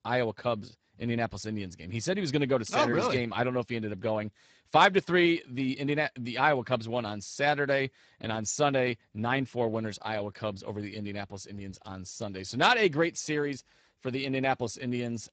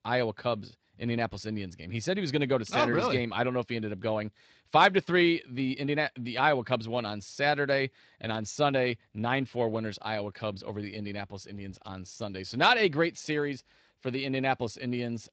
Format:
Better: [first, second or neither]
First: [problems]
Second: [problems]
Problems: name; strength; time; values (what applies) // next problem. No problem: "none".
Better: second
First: garbled, watery; badly; nothing above 7.5 kHz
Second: garbled, watery; slightly; nothing above 7.5 kHz